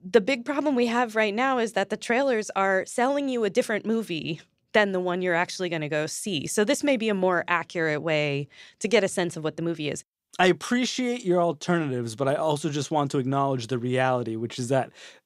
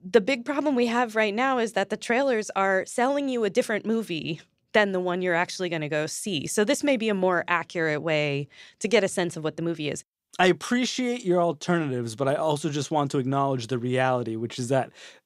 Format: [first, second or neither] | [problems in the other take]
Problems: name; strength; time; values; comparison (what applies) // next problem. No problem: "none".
neither | none